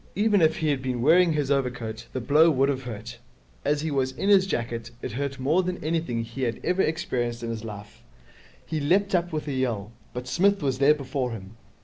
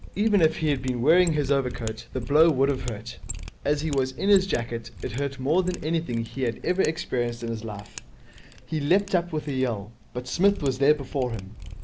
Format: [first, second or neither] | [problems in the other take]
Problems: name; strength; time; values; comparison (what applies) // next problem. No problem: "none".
first | background sound (Mechanisms); 13 dB below the speech